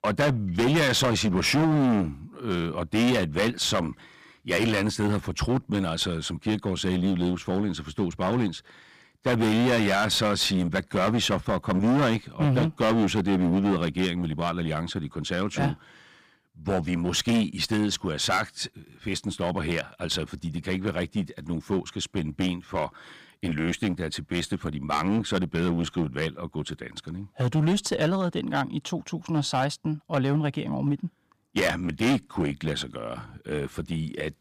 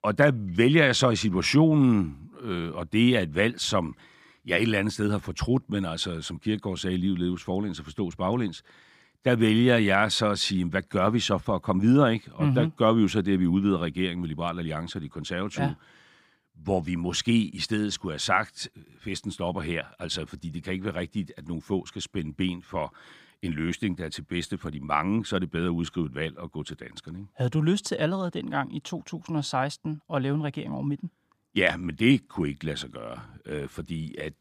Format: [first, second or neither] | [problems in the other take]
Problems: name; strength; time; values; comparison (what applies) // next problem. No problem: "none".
second | distortion; heavy; 11% of the sound clipped